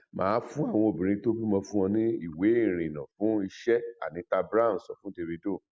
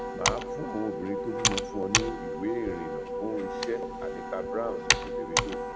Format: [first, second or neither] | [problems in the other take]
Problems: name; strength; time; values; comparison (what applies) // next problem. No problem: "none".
first | background sound (Computer keyboard + Wind instrument, woodwind instrument); 4 dB above the speech